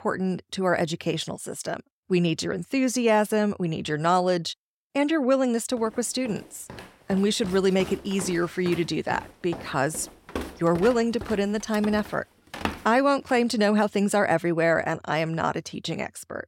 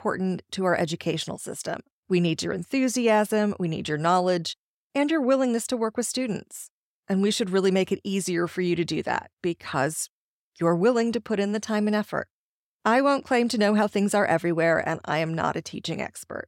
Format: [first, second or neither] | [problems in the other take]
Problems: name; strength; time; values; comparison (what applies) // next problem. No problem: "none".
second | footsteps; noticeable; from 6.5 to 13 s; peak 7 dB below the speech